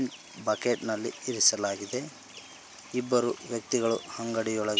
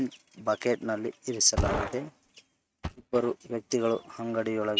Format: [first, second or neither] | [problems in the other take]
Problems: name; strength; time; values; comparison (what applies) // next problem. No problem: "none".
first | noise reduction (neural mask model RNNoise)